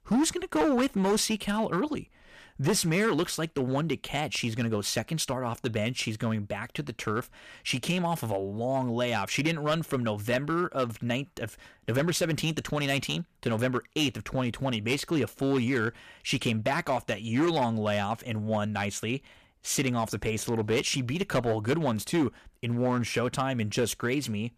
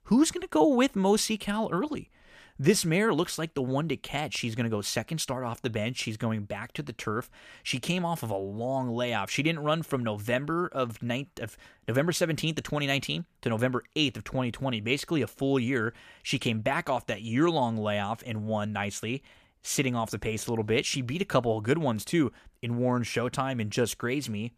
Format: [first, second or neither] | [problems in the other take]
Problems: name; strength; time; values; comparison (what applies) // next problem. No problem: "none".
second | distortion; slight; 5% of the sound clipped